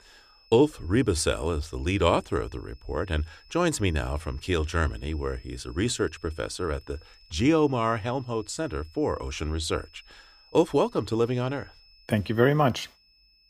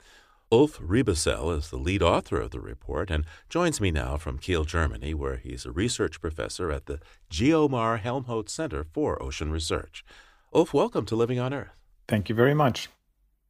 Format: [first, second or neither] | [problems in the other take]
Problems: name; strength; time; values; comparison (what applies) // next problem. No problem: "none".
second | high-pitched whine; faint; throughout; 5 kHz, 30 dB below the speech